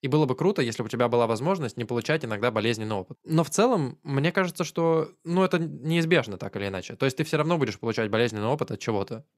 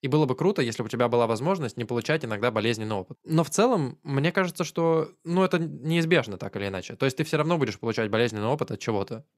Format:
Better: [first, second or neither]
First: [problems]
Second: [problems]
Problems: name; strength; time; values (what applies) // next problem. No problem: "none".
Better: neither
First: none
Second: none